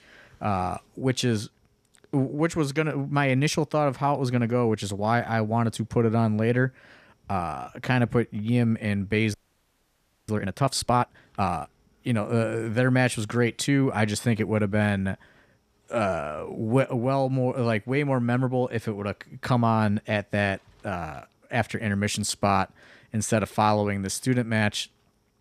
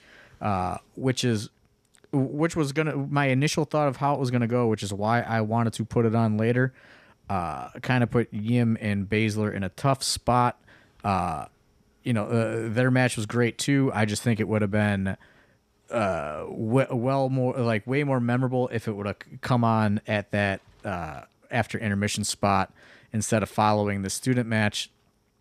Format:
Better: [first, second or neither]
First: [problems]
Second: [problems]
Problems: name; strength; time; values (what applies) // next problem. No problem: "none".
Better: second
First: audio freezing; at 9.5 s for 1 s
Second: none